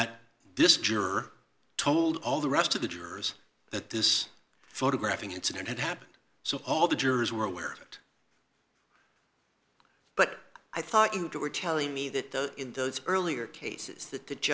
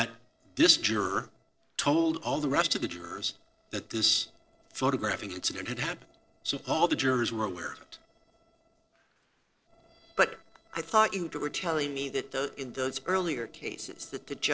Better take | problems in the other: first | noise reduction (neural separator model SepFormer DNS4)

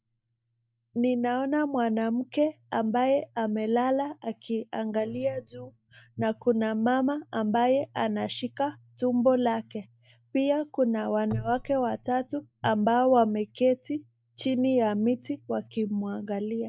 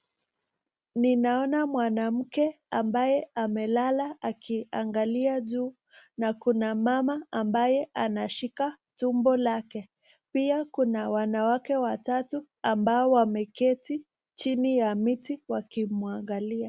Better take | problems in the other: second | noise reduction (neural mask model DeepFilterNet 3)

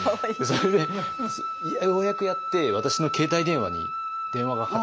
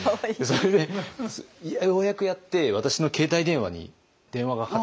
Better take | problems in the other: second | background sound (Wind instrument, woodwind instrument); 5 dB below the speech

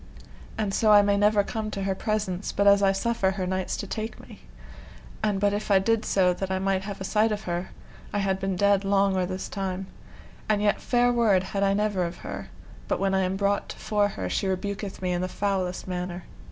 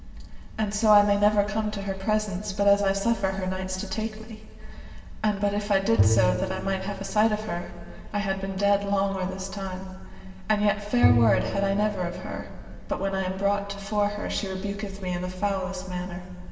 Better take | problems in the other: first | background sound (Bowed string instrument); 4 dB below the speech // room echo; dies away in 1.9 s

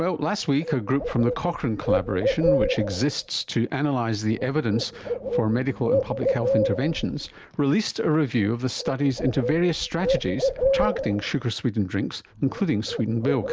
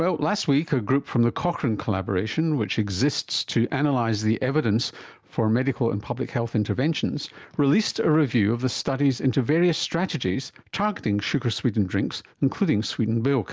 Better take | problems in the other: second | background sound (Bird); 4 dB below the speech

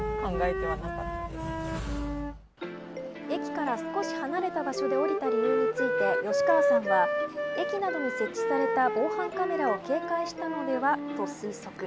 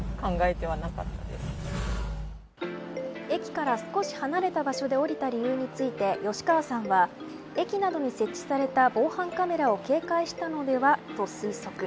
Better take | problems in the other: second | background sound (Wind instrument, woodwind instrument); 1 dB above the speech

